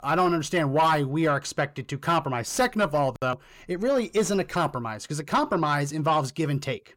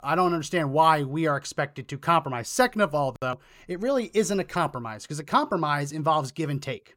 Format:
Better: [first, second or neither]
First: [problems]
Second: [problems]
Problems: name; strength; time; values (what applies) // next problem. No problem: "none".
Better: second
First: distortion; slight; 10 dB below the speech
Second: none